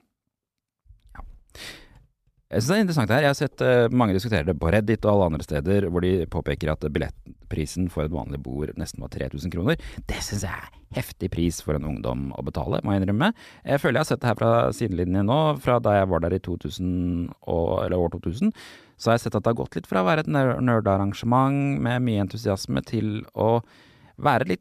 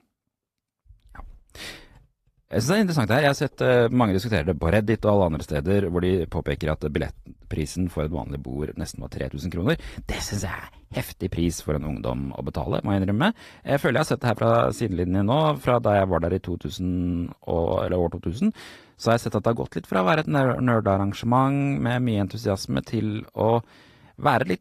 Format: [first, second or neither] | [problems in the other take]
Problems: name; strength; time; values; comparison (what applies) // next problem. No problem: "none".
first | garbled, watery; slightly; nothing above 14.5 kHz